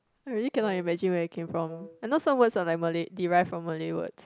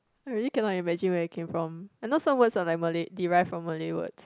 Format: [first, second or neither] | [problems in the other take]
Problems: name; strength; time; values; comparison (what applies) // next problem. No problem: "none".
second | background sound (Wind instrument, woodwind instrument); 19 dB below the speech